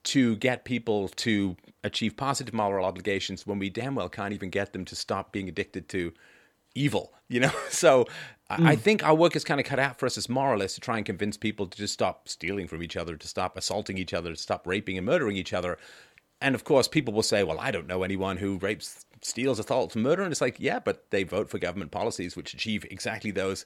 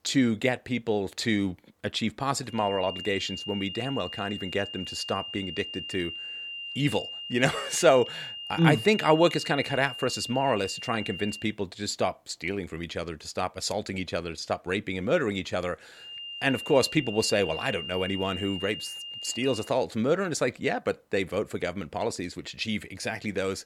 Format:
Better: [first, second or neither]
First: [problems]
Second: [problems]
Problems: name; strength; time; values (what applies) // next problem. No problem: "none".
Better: first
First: none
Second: high-pitched whine; loud; from 2.5 to 11 s and from 16 to 20 s; 3 kHz, 8 dB below the speech